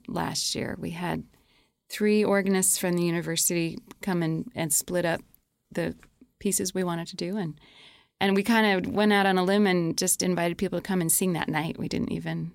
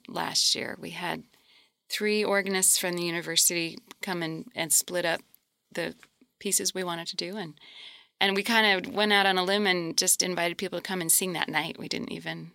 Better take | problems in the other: first | thin; somewhat; fading below 1 kHz

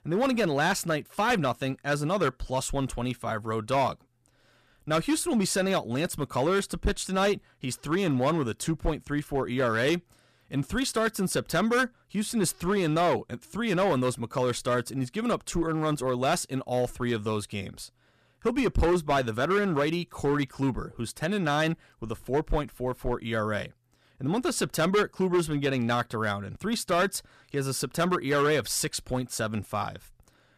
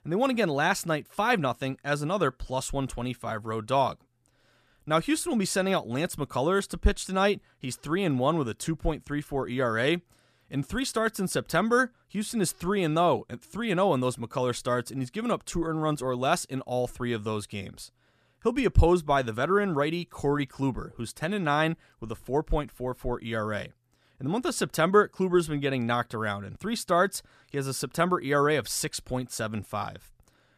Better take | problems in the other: second | distortion; slight; 6% of the sound clipped

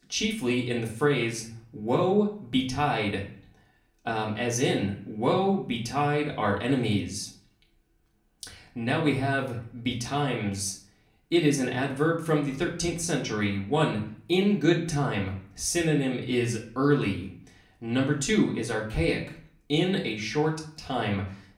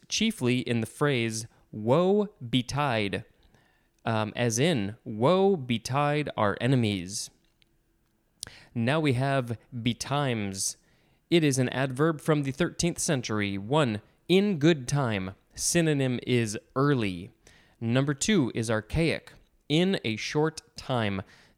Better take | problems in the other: second | room echo; slight; dies away in 0.4 s // off-mic speech; far

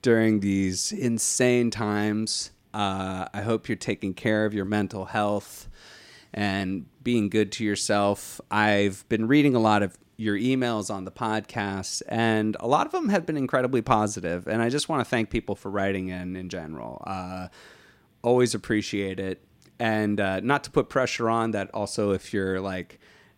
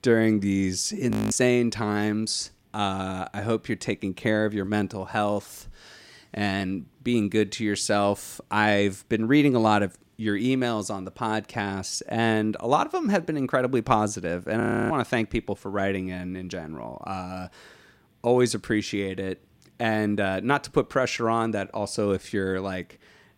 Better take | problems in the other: first | audio freezing; at 1 s and at 15 s

